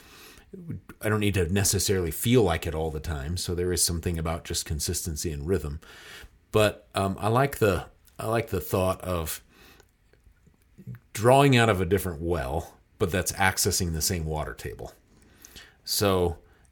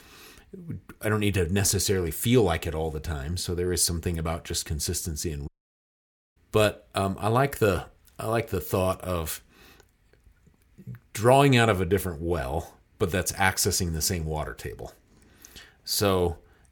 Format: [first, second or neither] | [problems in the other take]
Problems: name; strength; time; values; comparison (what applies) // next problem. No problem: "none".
first | audio cutting out; at 5.5 s for 1 s